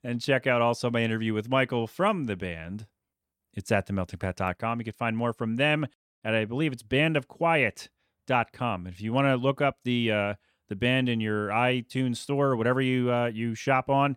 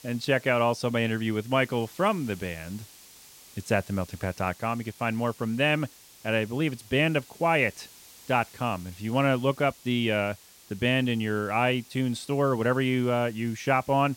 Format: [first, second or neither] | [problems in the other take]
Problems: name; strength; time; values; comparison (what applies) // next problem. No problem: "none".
first | hiss; faint; throughout; 20 dB below the speech